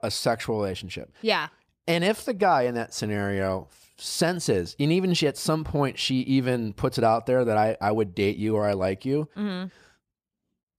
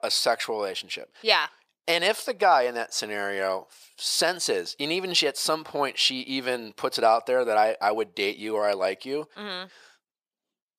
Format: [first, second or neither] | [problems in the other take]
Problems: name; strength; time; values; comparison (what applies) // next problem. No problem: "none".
first | thin; somewhat; fading below 550 Hz